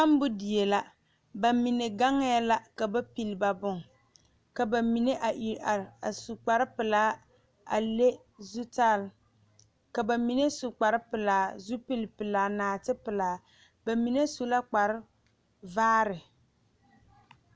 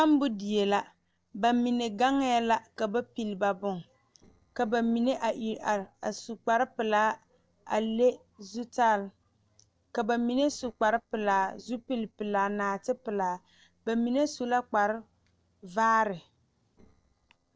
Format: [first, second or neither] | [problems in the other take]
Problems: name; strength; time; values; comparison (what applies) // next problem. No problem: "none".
first | noise reduction (neural separator model SepFormer DNS4)